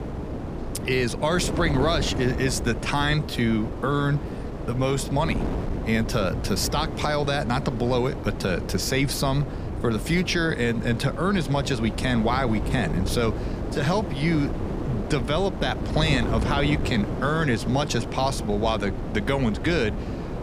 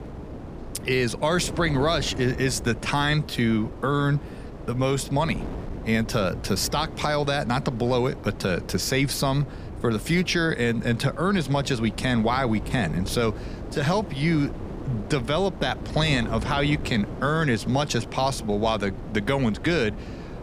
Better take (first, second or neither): second